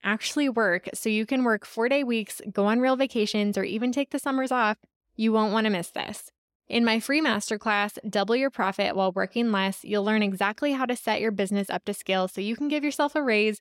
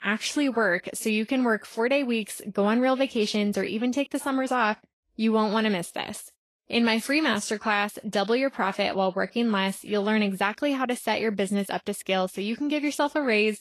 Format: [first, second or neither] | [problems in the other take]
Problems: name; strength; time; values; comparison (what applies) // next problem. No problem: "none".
first | garbled, watery; slightly; nothing above 12.5 kHz